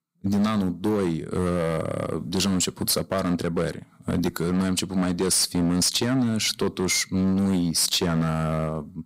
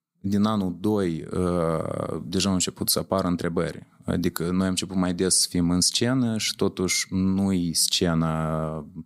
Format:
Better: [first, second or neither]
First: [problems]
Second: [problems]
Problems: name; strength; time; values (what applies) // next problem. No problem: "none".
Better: second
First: distortion; slight; 12% of the sound clipped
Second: none